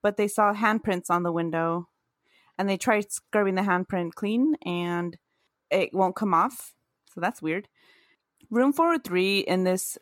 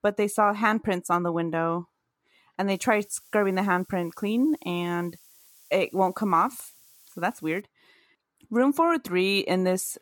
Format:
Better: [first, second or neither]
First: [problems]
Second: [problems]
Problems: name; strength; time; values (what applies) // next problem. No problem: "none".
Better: first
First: none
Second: hiss; faint; from 2.5 to 7.5 s; 25 dB below the speech